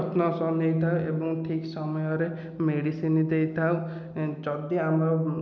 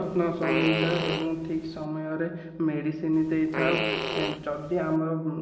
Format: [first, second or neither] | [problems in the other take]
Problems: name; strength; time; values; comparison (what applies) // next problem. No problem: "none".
first | background sound (Fart); 4 dB below the speech // room echo; dies away in 0.8 s